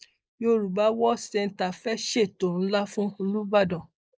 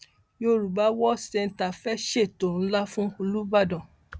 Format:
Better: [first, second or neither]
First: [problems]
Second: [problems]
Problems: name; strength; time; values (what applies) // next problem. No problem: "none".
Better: second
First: noise reduction (neural mask model Resemble Enhance denoiser)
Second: none